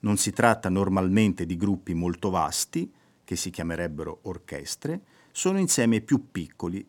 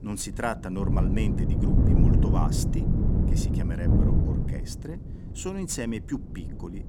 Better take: first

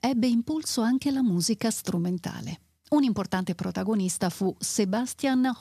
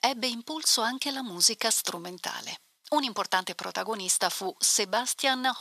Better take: first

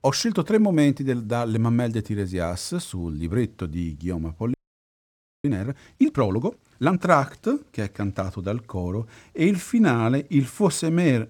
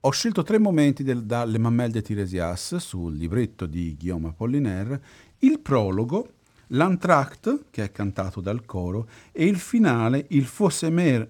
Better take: second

